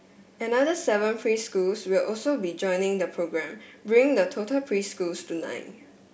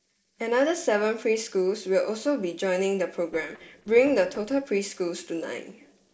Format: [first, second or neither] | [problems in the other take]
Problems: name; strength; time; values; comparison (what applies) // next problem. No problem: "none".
first | noise reduction (neural separator model SepFormer DNS4)